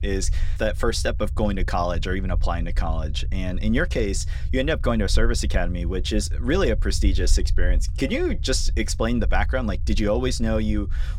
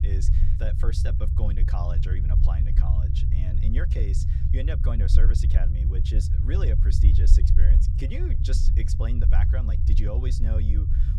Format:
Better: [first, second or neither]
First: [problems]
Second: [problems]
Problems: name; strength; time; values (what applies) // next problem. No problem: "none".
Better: first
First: low rumble; faint; throughout; 20 dB below the speech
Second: low rumble; loud; throughout; 1 dB below the speech